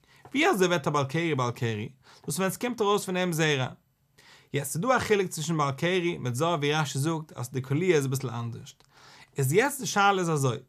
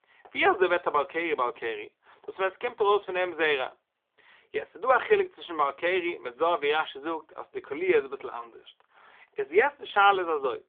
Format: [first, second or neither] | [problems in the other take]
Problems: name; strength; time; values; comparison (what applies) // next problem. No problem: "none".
first | phone-call audio; nothing above 3.5 kHz